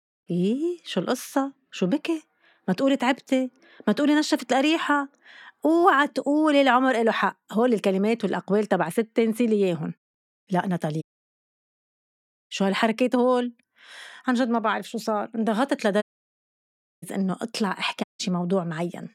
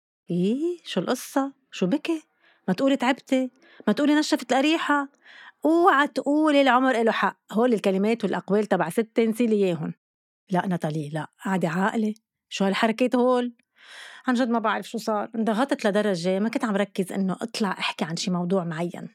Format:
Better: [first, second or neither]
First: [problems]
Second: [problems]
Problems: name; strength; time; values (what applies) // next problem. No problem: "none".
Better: second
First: audio cutting out; at 11 s for 1.5 s, at 16 s for 1 s and at 18 s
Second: none